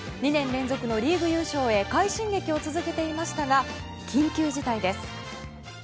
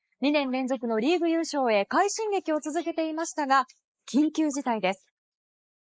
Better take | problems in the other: first | noise reduction (neural mask model Resemble Enhance denoiser)

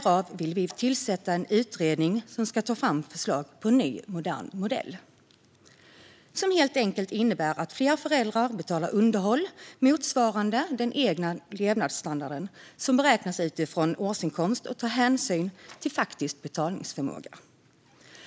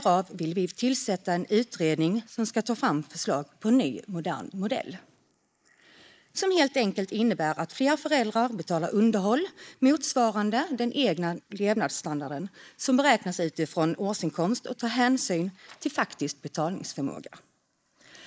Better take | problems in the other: first | noise reduction (neural mask model Resemble Enhance denoiser)

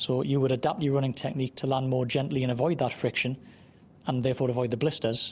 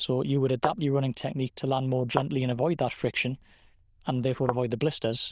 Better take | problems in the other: first | noise reduction (neural diffusion model UNIVERSE++)

